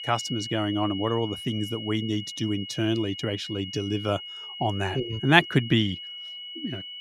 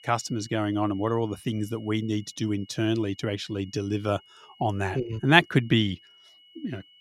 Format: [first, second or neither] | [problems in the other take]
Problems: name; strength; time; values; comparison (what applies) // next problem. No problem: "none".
second | high-pitched whine; loud; throughout; 3 kHz, 9 dB below the speech; faint in the second